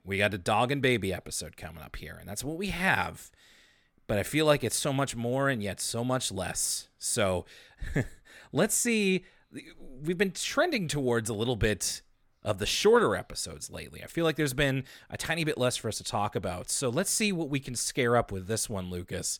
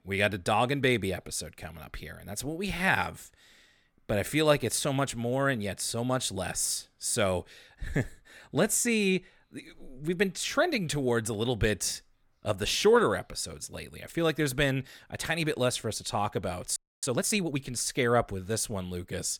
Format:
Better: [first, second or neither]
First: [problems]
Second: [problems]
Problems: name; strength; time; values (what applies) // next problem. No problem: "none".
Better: first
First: none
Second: audio freezing; at 17 s